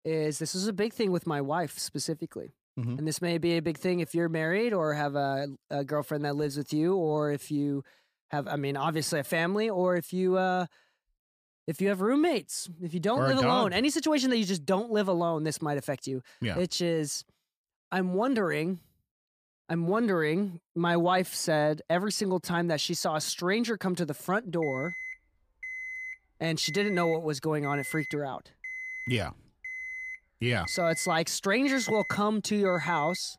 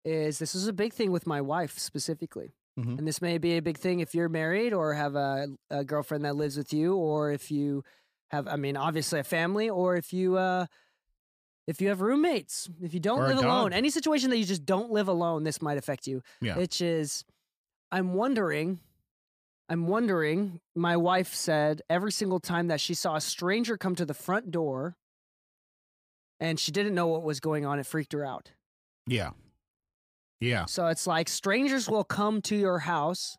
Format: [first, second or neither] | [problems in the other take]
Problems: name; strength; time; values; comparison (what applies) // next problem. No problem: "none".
second | alarm; noticeable; from 25 s on; peak 6 dB below the speech